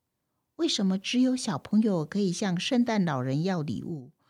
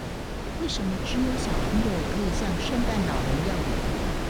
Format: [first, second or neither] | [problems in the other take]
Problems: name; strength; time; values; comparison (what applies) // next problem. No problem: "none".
first | wind noise on the microphone; heavy; 2 dB above the speech